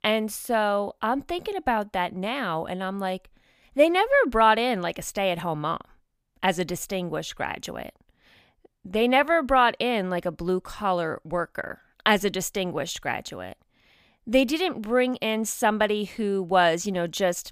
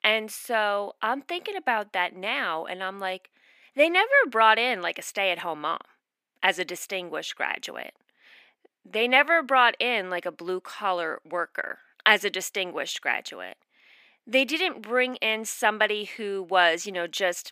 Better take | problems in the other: first | thin; somewhat; fading below 300 Hz

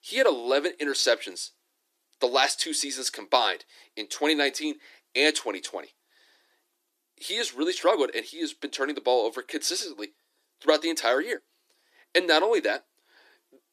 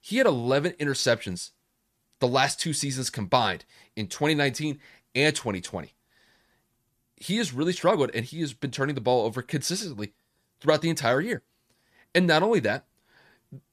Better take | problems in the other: second | thin; somewhat; fading below 300 Hz

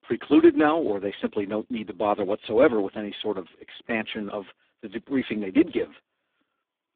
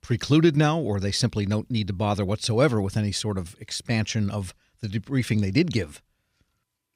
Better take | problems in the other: second | phone-call audio; poor line; nothing above 3.5 kHz

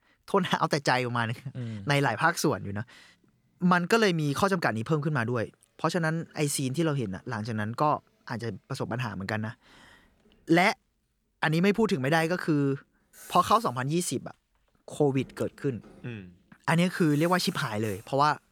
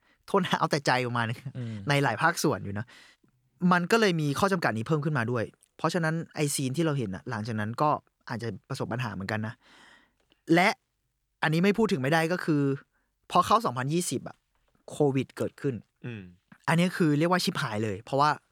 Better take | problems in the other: second | traffic noise; faint; throughout; 25 dB below the speech

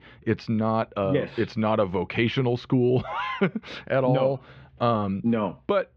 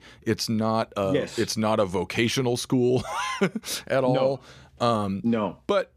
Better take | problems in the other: second | muffled; very; fading above 3 kHz

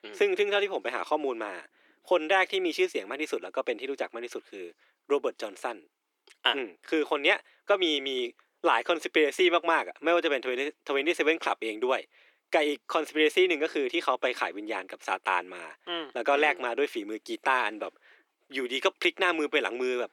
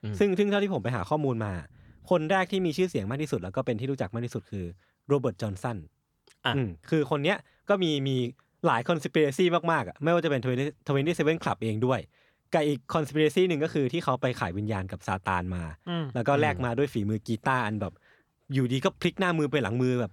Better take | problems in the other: second | thin; very; fading below 300 Hz

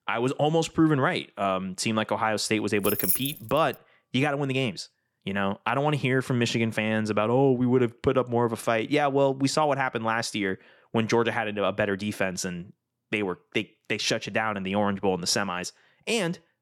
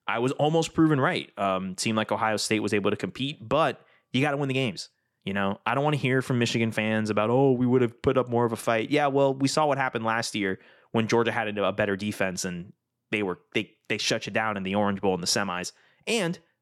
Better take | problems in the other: second | jangling keys; loud; at 3 s; peak 2 dB above the speech

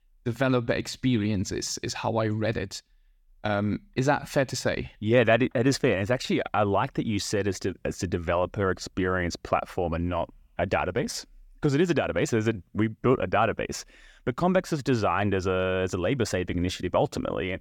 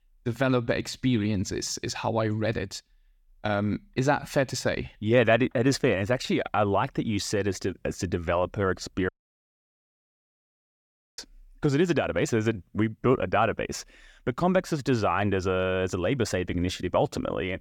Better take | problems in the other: first | audio cutting out; at 9 s for 2 s

